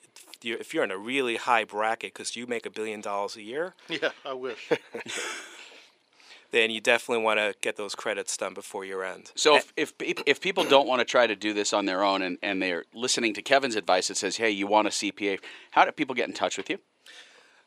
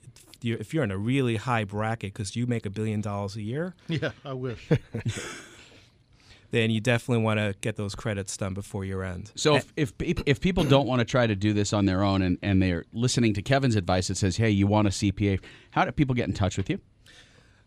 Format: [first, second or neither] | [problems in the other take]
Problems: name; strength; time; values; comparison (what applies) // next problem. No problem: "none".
second | thin; very; fading below 400 Hz